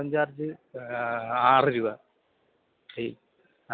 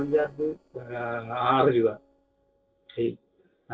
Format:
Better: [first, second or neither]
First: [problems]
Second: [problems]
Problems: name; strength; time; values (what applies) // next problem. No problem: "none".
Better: first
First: none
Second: noise reduction (neural separator model SepFormer DNS4)